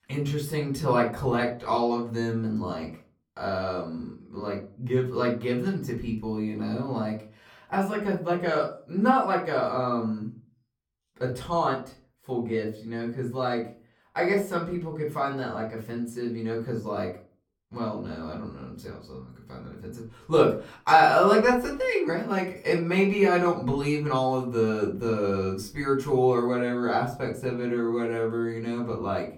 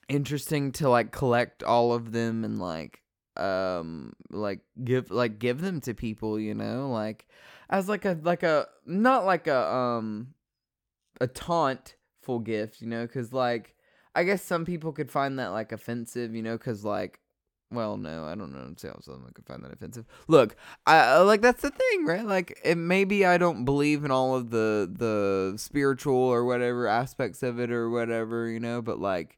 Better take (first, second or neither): second